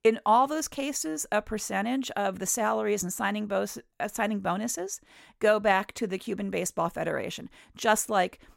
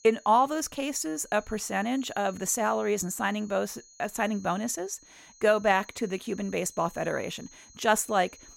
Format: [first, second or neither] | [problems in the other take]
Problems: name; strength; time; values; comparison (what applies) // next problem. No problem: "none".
first | high-pitched whine; faint; throughout; 6.5 kHz, 25 dB below the speech